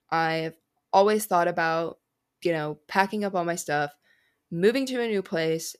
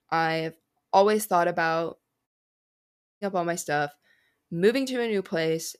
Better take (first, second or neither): first